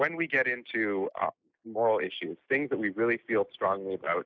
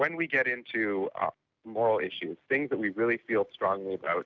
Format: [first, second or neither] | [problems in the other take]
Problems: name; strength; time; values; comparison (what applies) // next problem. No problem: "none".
second | noise reduction (neural mask model Resemble Enhance denoiser)